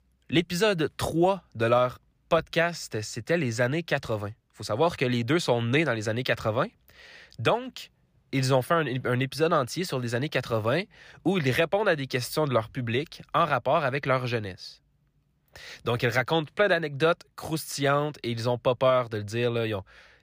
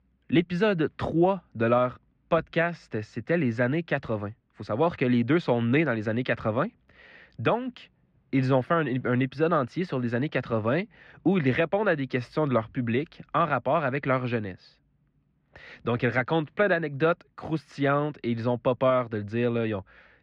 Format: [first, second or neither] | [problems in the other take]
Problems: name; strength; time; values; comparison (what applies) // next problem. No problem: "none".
first | muffled; slightly; fading above 2 kHz